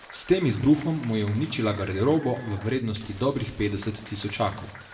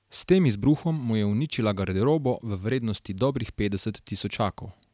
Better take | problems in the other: second | background sound (Applause); 19 dB below the speech // room echo; dies away in 0.5 s

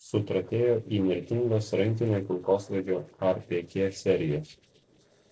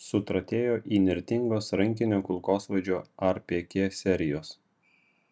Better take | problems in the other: second | noise reduction (neural separator model SepFormer DNS4)

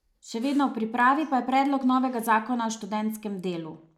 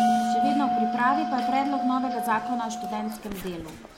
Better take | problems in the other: first | background sound (Bell); 1 dB above the speech

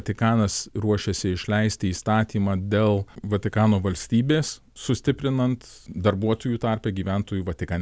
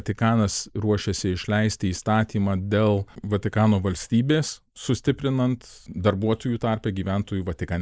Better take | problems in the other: first | noise reduction (neural mask model Resemble Enhance denoiser)

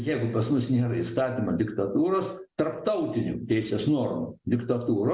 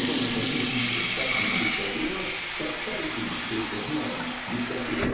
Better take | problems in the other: first | background sound (Sink (filling or washing) / Water tap, faucet); 3 dB above the speech // room echo; dies away in 0.8 s

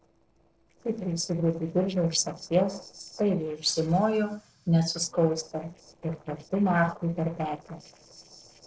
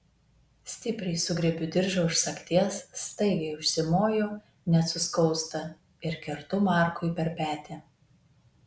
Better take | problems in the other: second | noise reduction (neural separator model SepFormer DNS4)

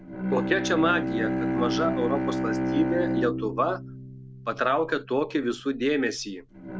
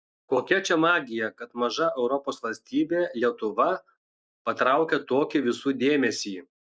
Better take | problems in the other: second | background sound (Bowed string instrument); 2 dB below the speech

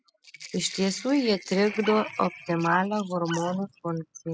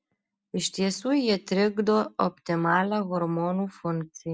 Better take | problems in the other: second | noise reduction (classical method spectral subtraction)

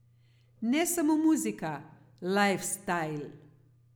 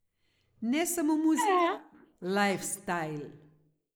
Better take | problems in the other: first | noise reduction (neural mask model Resemble Enhance denoiser)

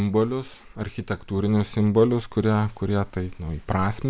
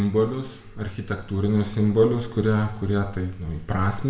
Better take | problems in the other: first | room echo; dies away in 0.8 s

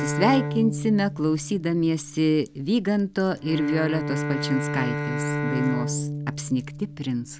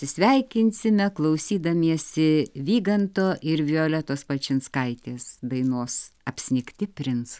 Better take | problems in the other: second | background sound (Bowed string instrument); 5 dB below the speech

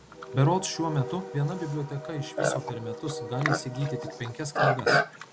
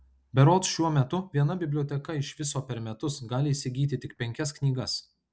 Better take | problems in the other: second | background sound (Livestock, farm animals, working animals); 1 dB below the speech

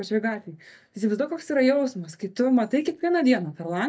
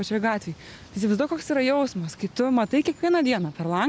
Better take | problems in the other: second | noise reduction (neural mask model DeepFilterNet 3)

